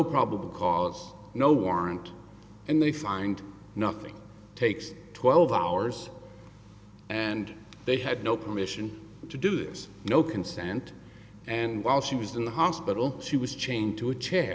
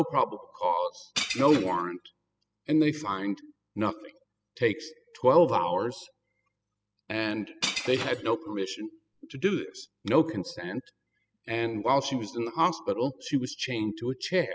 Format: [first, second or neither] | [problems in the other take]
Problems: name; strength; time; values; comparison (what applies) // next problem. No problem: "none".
first | noise reduction (classical method spectral subtraction)